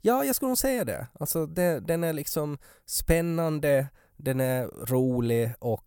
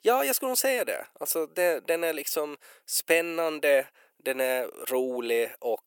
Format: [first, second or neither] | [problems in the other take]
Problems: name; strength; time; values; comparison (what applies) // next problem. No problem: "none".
first | thin; somewhat; fading below 350 Hz